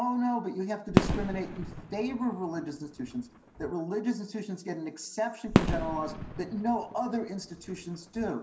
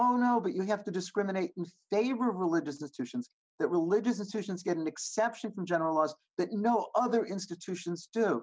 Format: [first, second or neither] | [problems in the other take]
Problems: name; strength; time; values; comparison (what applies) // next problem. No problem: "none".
second | background sound (Fireworks); as loud as the speech // room echo; dies away in 1.4 s